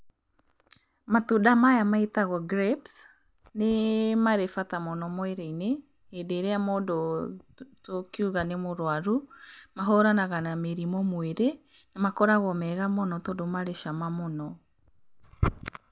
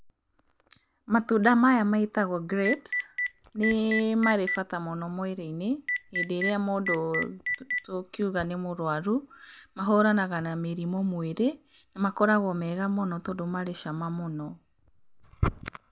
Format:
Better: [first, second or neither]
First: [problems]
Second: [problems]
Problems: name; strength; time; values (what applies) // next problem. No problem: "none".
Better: first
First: none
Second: background sound (Telephone); 5 dB below the speech